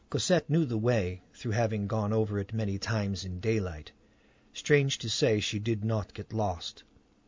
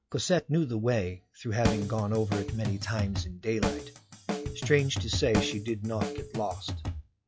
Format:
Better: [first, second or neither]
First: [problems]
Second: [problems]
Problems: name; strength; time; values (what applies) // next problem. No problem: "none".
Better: first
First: none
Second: noise reduction (classical method log-MMSE)